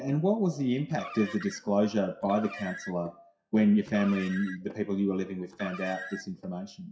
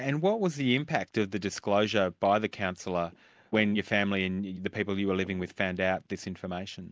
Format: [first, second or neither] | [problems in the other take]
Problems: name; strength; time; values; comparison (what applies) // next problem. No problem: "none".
second | noise reduction (classical method WPE with log-MMSE)